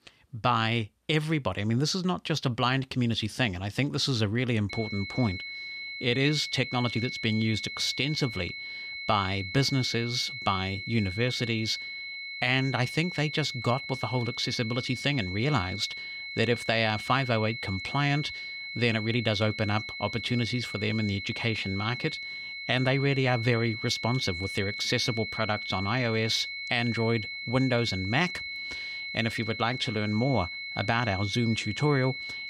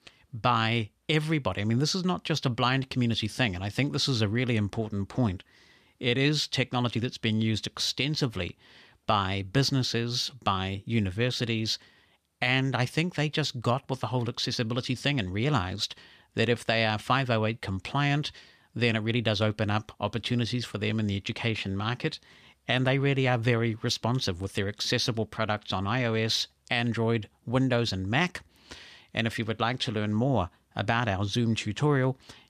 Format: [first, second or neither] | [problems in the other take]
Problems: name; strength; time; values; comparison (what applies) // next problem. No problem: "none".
second | high-pitched whine; loud; from 4.5 s on; 2 kHz, 7 dB below the speech